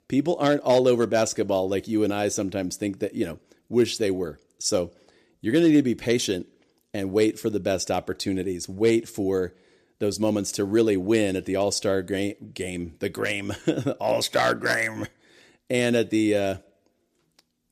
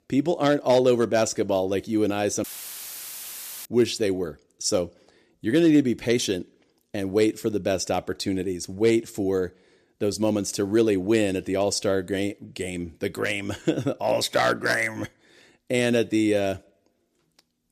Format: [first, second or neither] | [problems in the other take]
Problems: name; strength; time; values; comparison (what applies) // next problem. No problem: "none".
first | audio cutting out; filled with static; at 2.5 s for 1 s